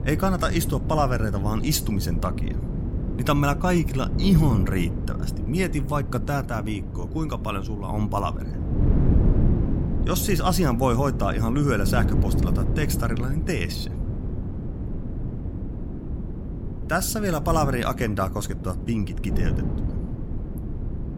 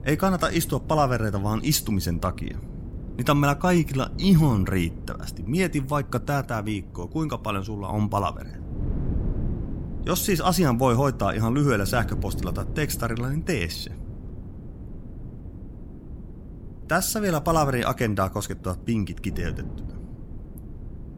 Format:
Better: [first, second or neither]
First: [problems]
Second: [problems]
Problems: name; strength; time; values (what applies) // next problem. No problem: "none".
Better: second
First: wind noise on the microphone; heavy; 10 dB below the speech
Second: wind noise on the microphone; occasional gusts; 20 dB below the speech